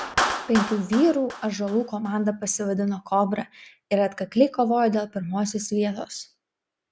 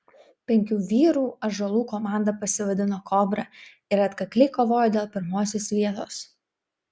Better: second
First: background sound (Clapping); 10 dB below the speech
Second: none

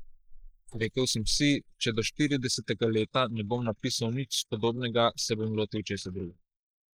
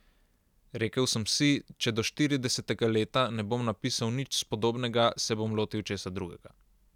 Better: second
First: noise reduction (neural mask model Resemble Enhance denoiser)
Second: none

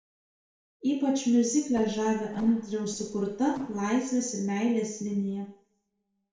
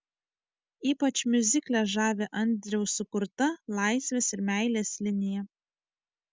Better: second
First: noise reduction (neural separator model SepFormer DNS4)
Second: none

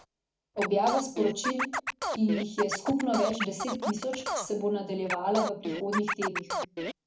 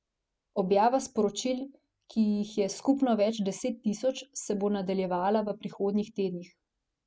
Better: second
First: background sound (Scratching (performance technique)); 4 dB below the speech // room echo; dies away in 0.4 s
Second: none

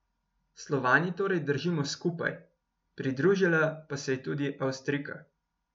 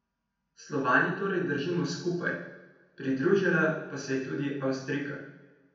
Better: first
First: none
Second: room echo; dies away in 0.9 s

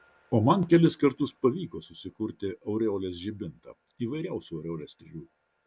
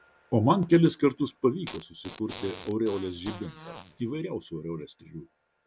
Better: first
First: none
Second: background sound (Fart); 17 dB below the speech

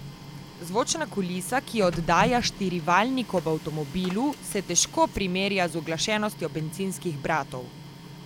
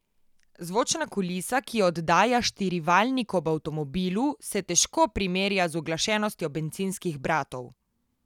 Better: second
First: background sound (Printer); 13 dB below the speech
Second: none

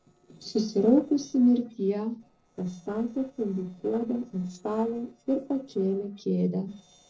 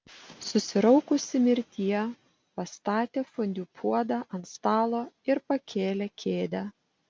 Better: second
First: noise reduction (neural separator model SepFormer DNS4)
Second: none

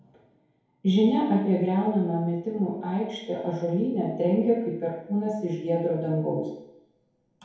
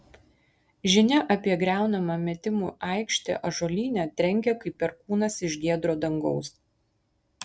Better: second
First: room echo; dies away in 0.9 s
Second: none

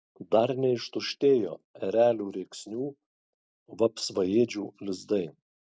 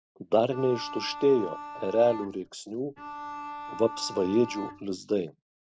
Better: first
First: none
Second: background sound (Bowed string instrument); 11 dB below the speech

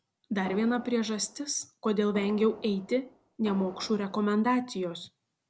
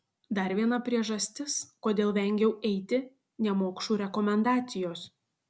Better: second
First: background sound (Fireworks); 17 dB below the speech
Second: none

